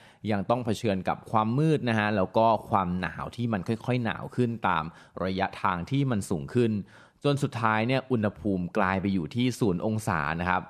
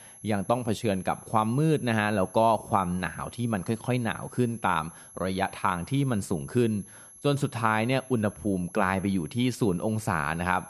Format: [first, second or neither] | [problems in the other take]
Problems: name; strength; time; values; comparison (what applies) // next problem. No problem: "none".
first | high-pitched whine; noticeable; throughout; 11 kHz, 20 dB below the speech